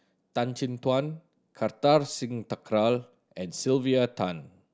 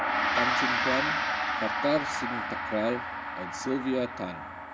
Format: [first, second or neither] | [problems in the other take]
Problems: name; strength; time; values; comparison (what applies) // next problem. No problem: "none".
first | background sound (Gong); 3 dB above the speech // room echo; dies away in 2 s